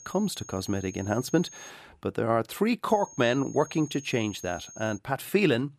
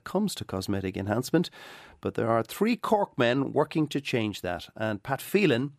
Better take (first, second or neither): second